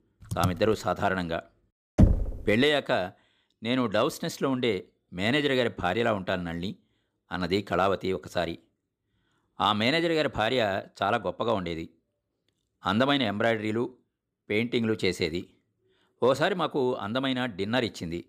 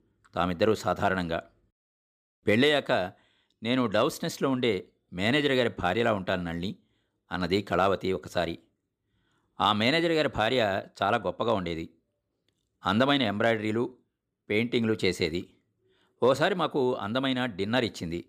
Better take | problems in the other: second | keyboard typing; noticeable; at 0.5 s; peak 5 dB below the speech // door banging; loud; at 2 s; peak 5 dB above the speech

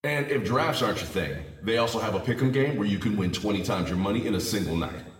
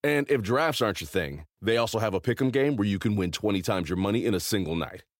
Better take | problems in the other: second | room echo; slight; dies away in 1 s // off-mic speech; somewhat distant

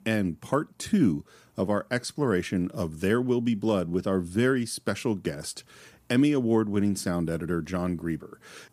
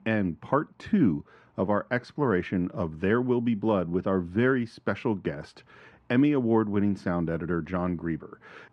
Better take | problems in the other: first | muffled; very; fading above 2 kHz

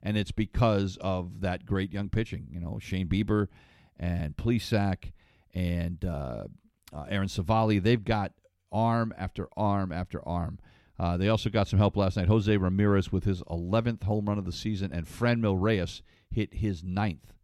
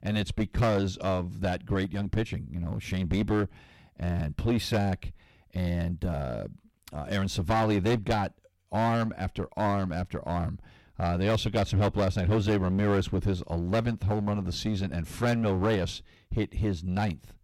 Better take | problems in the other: first | distortion; heavy; 11% of the sound clipped

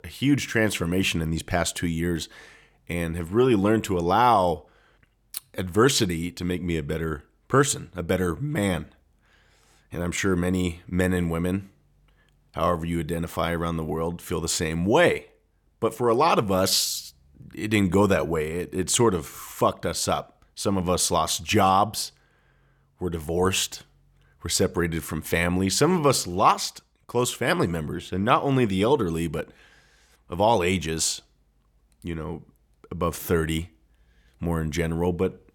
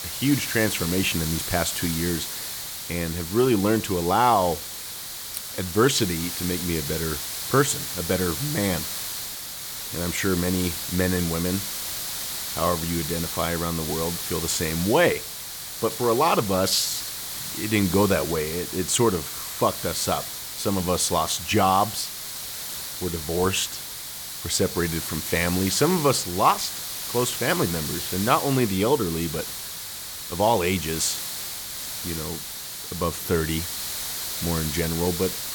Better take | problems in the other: first | hiss; loud; throughout; 5 dB below the speech

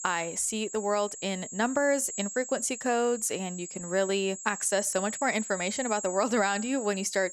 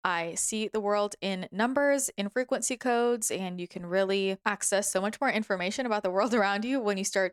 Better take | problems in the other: second | high-pitched whine; loud; throughout; 7.5 kHz, 9 dB below the speech

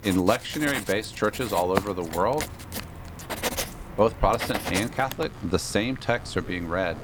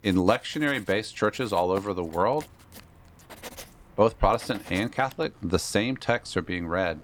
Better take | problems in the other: second | household noises; loud; throughout; 8 dB below the speech; faint in the second

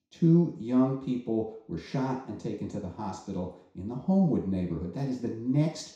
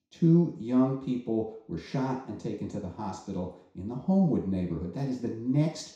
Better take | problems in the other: neither | room echo; noticeable; dies away in 0.6 s; the same in both // off-mic speech; far; the same in both

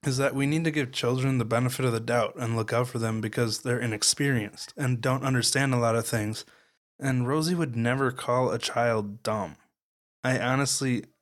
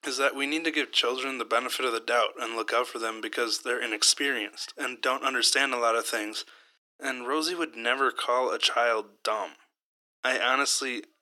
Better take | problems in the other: first | thin; very; fading below 300 Hz

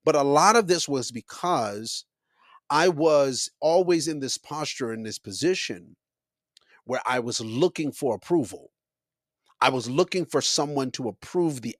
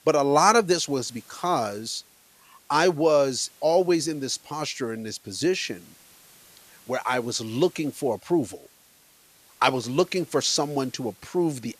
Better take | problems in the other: first | hiss; faint; throughout; 25 dB below the speech

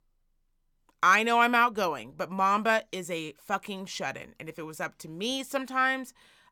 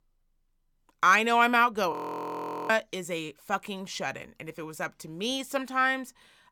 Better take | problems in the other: first | audio freezing; at 2 s for 1 s

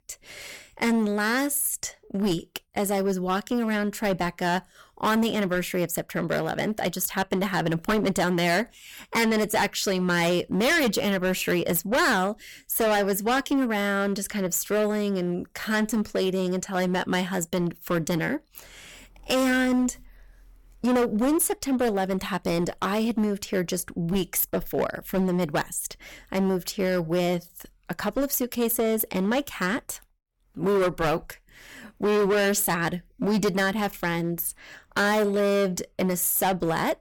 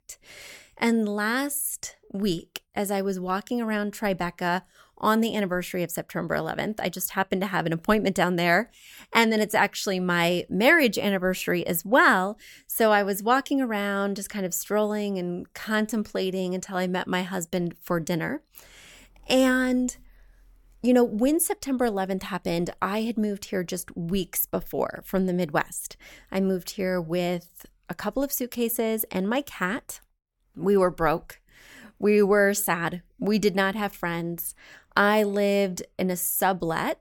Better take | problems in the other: second | distortion; heavy; 12% of the sound clipped

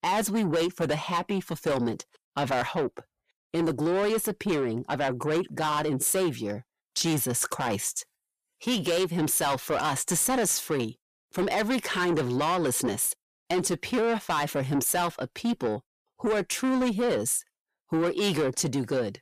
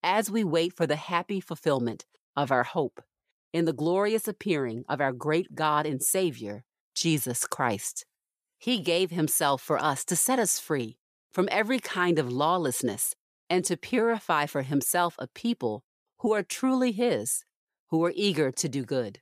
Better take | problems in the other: second | distortion; heavy; 8 dB below the speech

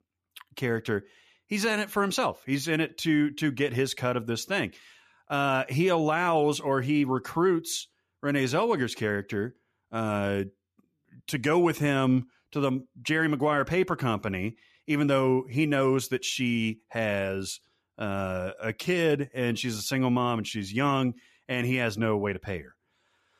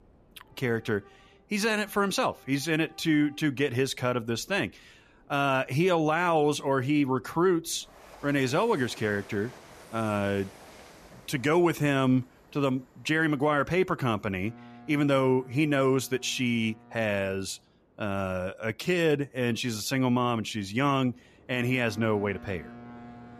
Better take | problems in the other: first | train or aircraft noise; faint; throughout; 25 dB below the speech

